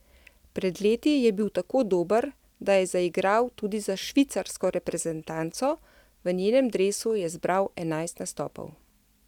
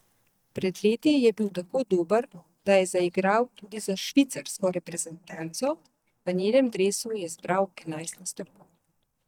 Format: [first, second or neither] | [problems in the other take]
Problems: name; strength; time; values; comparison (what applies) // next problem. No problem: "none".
first | noise reduction (neural mask model DeepFilterNet 3)